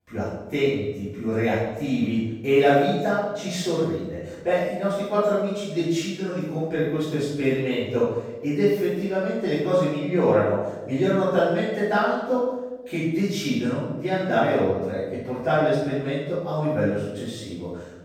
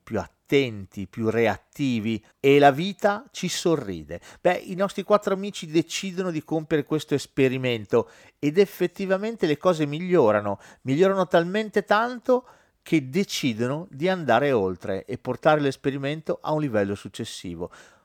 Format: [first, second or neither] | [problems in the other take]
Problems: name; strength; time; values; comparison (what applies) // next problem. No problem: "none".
second | room echo; strong; dies away in 1 s // off-mic speech; far